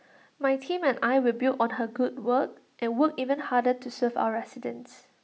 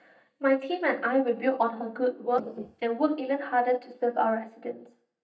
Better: first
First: none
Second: noise reduction (neural mask model DeepFilterNet 3)

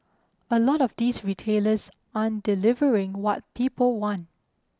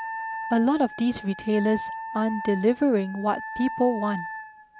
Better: first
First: none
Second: background sound (Wind instrument, woodwind instrument); 10 dB below the speech

